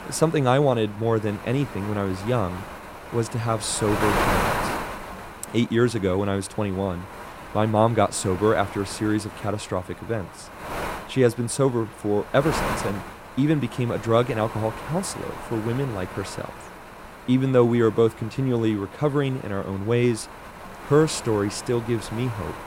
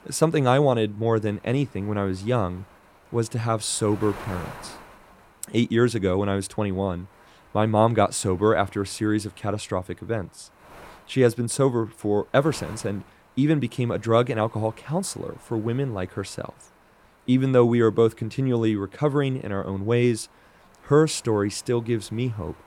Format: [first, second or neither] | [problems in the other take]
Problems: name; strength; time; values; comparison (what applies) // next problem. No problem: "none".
second | wind noise on the microphone; heavy; 7 dB below the speech; occasional gusts in the second